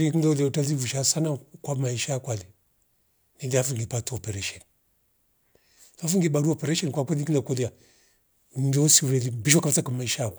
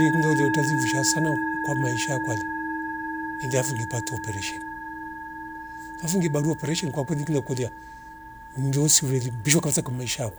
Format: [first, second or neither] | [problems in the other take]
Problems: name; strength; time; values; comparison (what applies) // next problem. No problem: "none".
first | background sound (Musical instrument); 4 dB below the speech